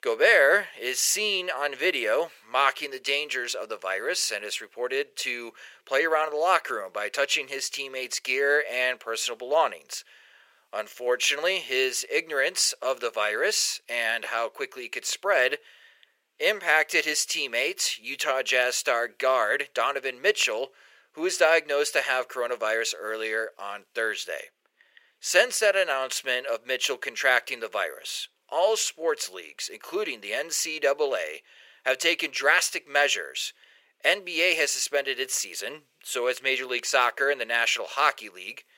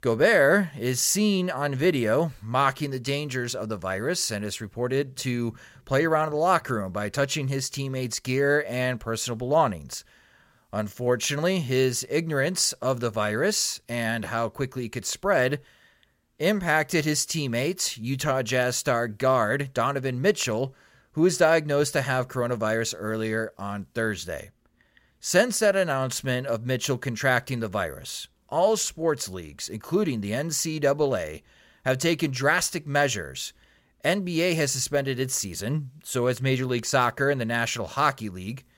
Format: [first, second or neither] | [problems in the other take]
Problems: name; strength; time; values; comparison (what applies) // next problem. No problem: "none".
second | thin; very; fading below 450 Hz